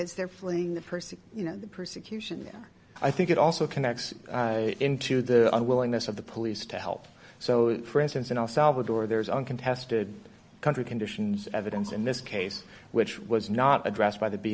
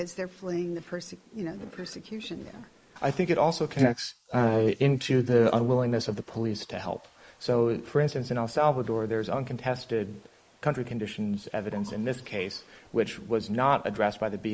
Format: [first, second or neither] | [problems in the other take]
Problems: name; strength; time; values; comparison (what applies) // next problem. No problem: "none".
first | noise reduction (neural mask model Resemble Enhance denoiser)